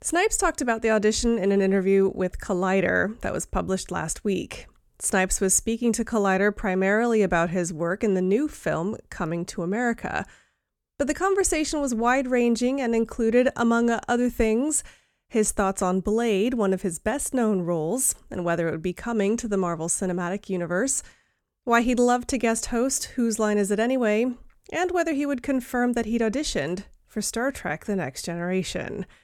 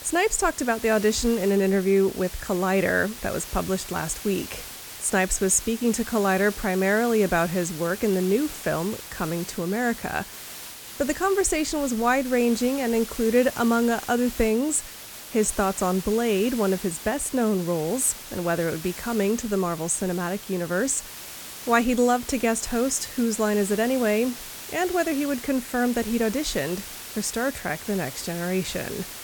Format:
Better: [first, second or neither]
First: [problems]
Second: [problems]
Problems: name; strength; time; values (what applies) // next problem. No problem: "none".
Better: first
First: none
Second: hiss; noticeable; throughout; 10 dB below the speech